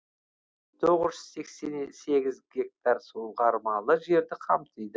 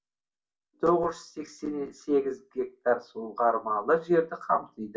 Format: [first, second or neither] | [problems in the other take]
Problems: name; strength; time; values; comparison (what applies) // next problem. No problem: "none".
first | room echo; dies away in 0.2 s